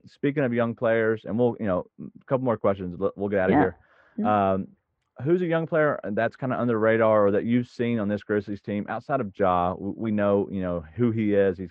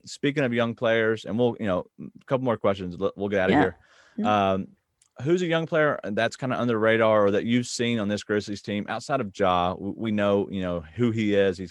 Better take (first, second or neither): second